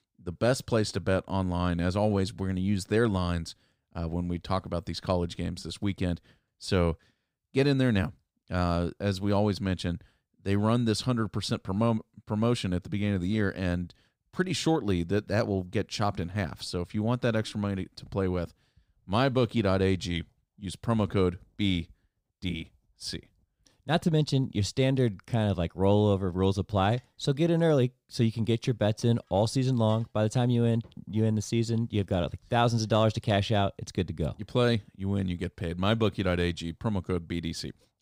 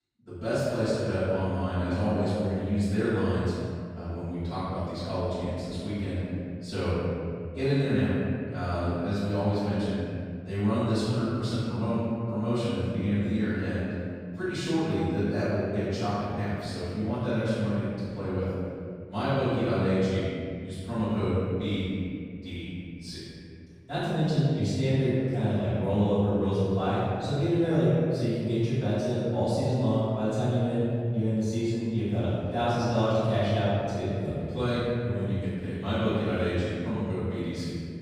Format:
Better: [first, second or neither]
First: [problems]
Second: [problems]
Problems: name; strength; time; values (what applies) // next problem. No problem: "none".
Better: first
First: none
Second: off-mic speech; far // room echo; strong; dies away in 2.1 s